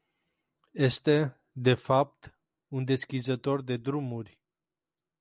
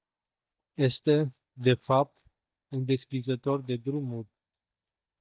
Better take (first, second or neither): first